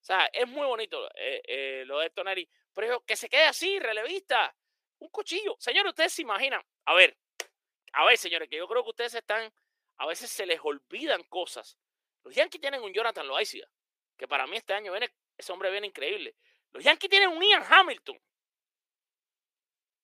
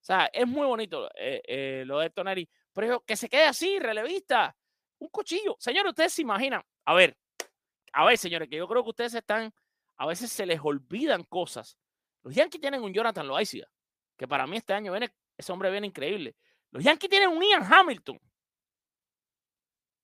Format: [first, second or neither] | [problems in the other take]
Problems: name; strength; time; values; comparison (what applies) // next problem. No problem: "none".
second | thin; somewhat; fading below 400 Hz